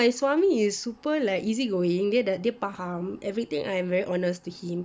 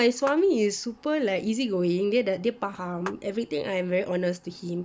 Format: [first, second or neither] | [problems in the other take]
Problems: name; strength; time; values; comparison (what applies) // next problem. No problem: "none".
first | background sound (Clapping); 14 dB below the speech